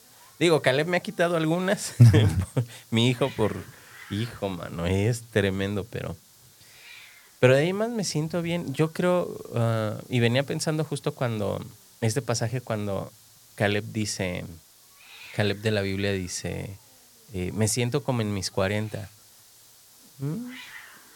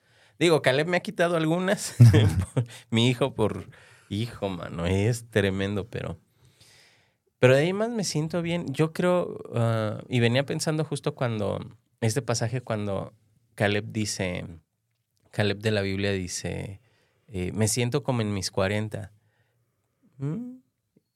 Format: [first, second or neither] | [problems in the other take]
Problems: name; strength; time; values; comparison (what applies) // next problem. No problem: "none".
second | hiss; faint; throughout; 25 dB below the speech